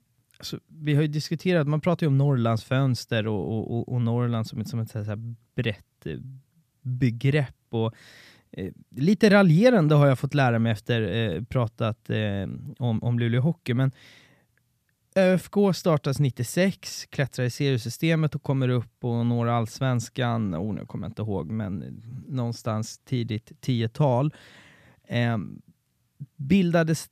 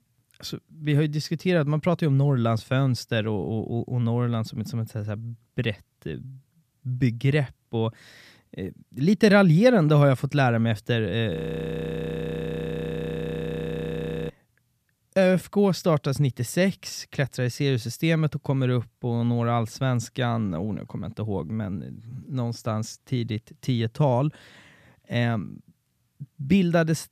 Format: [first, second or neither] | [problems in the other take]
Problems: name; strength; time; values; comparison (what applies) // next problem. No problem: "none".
first | audio freezing; at 11 s for 3 s